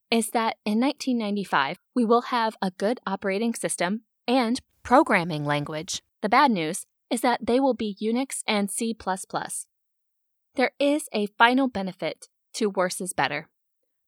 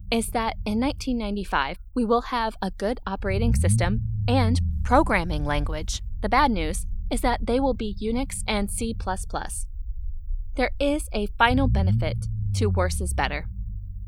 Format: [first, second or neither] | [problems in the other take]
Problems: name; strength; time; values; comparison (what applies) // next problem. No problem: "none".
first | low rumble; noticeable; throughout; 20 dB below the speech